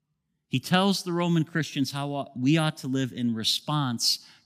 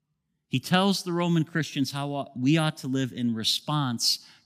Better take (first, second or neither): neither